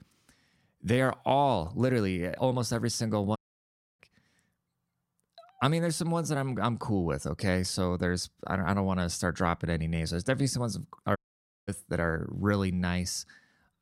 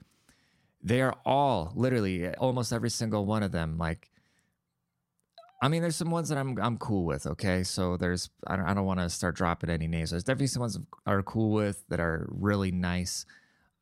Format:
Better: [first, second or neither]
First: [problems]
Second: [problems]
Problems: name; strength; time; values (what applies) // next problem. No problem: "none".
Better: second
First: audio cutting out; at 3.5 s for 0.5 s and at 11 s for 0.5 s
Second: none